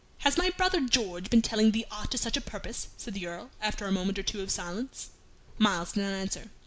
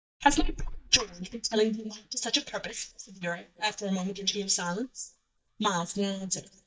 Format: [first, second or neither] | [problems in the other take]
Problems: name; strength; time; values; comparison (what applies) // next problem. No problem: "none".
first | noise reduction (neural mask model DeepFilterNet 3)